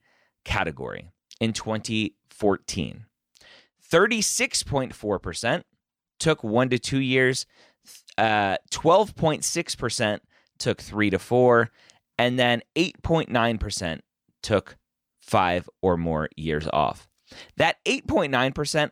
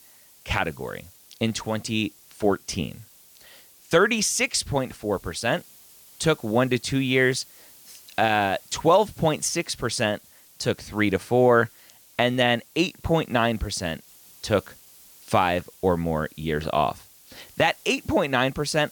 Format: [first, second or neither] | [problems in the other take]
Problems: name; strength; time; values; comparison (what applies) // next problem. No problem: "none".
first | hiss; faint; throughout; 25 dB below the speech